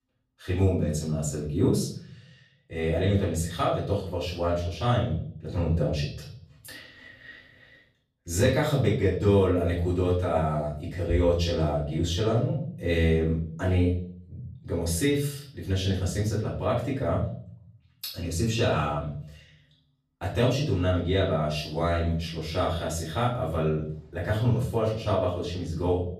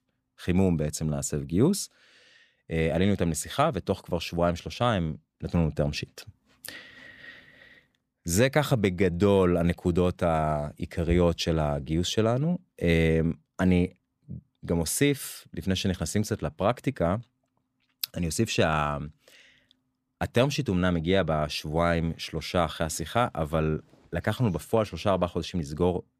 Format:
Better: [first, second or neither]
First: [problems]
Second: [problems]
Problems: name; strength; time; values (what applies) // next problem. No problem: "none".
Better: second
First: off-mic speech; far // room echo; noticeable; dies away in 0.6 s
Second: none